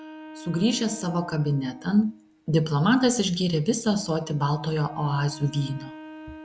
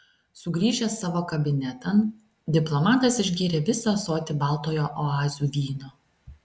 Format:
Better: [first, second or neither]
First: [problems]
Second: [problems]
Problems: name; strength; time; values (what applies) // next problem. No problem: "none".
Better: second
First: background sound (Wind instrument, woodwind instrument); 19 dB below the speech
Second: none